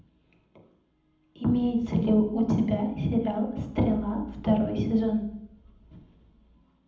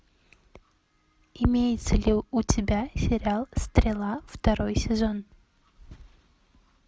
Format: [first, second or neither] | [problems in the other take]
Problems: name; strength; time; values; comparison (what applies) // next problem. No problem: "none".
second | room echo; dies away in 0.8 s